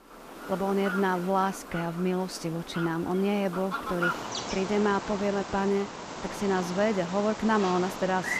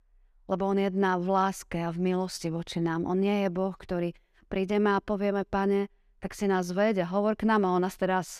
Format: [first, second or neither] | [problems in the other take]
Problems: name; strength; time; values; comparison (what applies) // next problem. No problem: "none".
second | animal sounds; loud; throughout; 8 dB below the speech